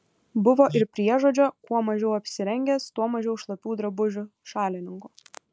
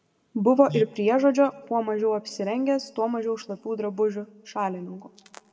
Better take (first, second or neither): first